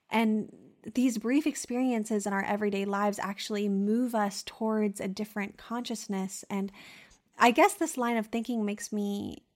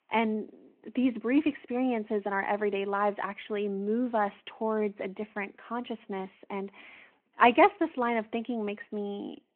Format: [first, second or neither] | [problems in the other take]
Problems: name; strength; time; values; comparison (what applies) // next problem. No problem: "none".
first | phone-call audio